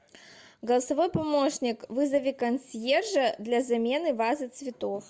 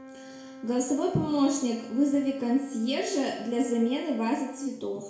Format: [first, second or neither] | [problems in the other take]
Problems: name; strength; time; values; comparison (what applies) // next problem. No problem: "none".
first | background sound (Wind instrument, woodwind instrument); 18 dB below the speech // room echo; dies away in 0.6 s